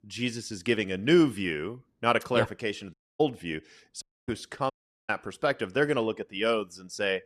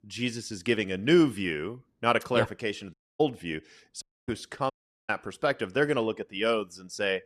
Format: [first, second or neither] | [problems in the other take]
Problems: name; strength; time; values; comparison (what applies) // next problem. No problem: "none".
neither | audio cutting out; at 3 s, at 4 s and at 4.5 s; the same in both